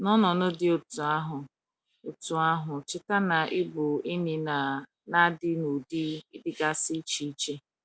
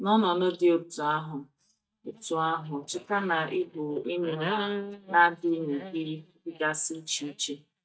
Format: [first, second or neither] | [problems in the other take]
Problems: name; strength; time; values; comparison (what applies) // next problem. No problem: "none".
first | noise reduction (neural mask model DeepFilterNet 3)